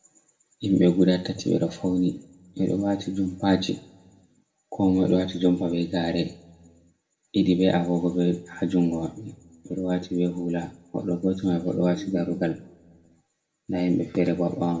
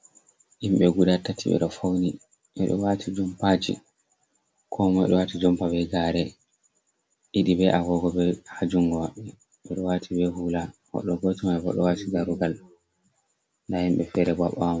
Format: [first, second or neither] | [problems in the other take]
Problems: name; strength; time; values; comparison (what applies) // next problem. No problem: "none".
second | room echo; dies away in 0.6 s